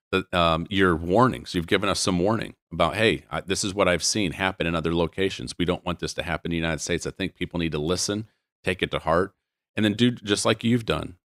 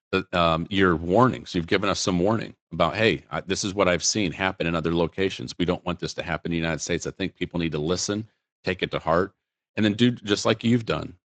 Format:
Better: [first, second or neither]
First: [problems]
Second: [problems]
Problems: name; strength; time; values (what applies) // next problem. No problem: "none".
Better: first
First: none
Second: garbled, watery; slightly